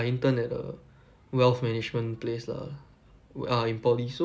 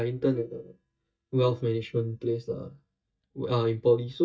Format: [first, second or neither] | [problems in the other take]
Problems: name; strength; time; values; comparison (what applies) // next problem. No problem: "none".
first | noise reduction (neural mask model DeepFilterNet 3)